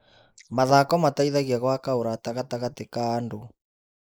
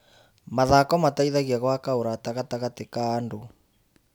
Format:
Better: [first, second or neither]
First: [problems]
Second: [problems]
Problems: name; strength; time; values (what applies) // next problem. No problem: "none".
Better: second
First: noise reduction (neural mask model Resemble Enhance denoiser)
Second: none